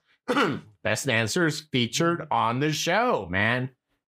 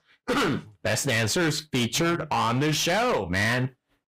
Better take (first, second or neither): first